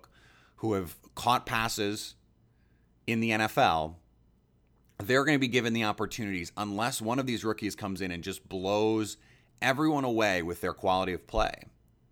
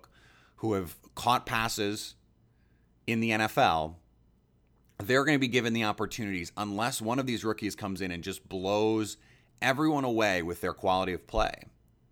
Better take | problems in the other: neither | none

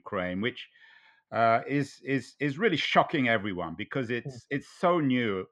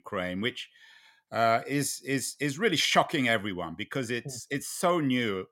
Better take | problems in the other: second | muffled; slightly; fading above 2.5 kHz

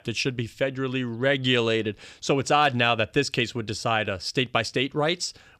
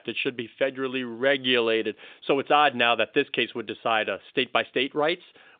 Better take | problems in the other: first | phone-call audio

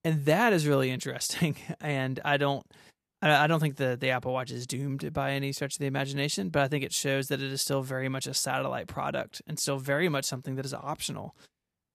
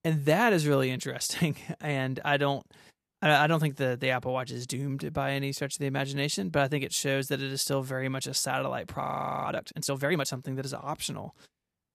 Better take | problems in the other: first | audio freezing; at 9 s

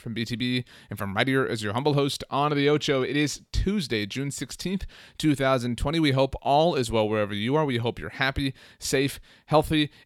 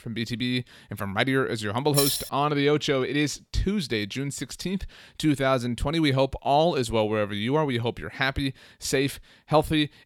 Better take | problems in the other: first | jangling keys; loud; at 2 s; peak 1 dB above the speech

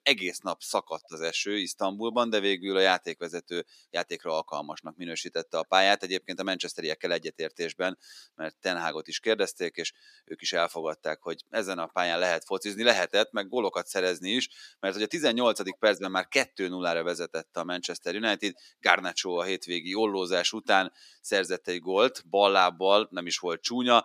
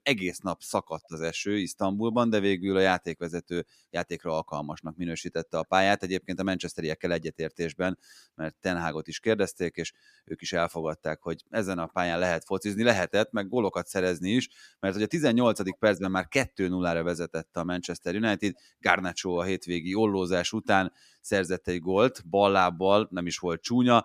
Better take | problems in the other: second | thin; very slightly; fading below 350 Hz

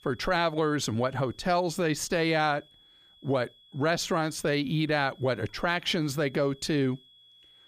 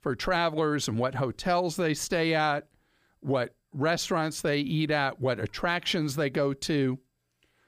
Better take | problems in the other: second | high-pitched whine; faint; throughout; 3.5 kHz, 30 dB below the speech

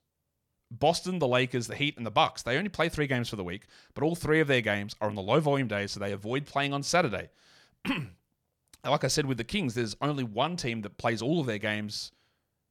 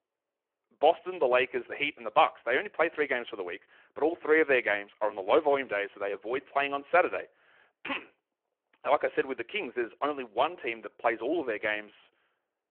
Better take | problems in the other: first | phone-call audio

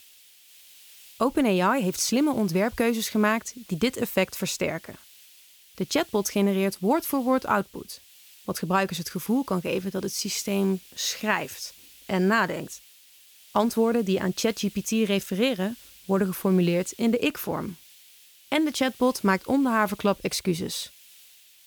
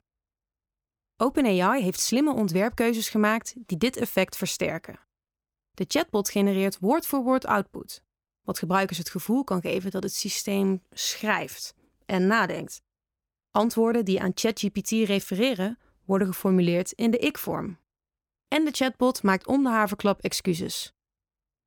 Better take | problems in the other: second | hiss; faint; throughout; 25 dB below the speech

